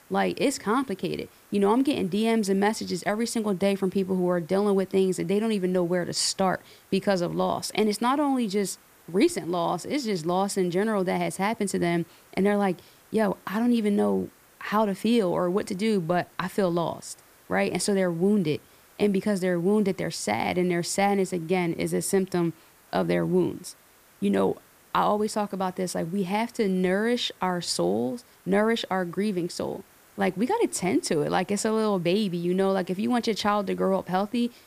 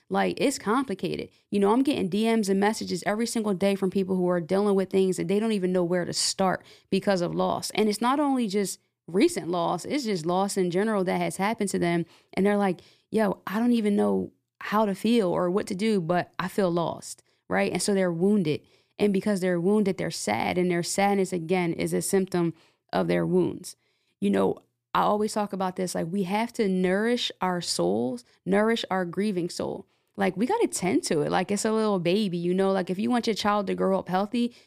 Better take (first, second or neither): second